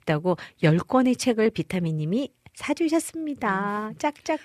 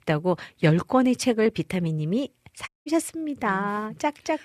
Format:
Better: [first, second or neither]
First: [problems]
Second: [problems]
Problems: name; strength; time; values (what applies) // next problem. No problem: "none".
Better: first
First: none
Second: audio cutting out; at 2.5 s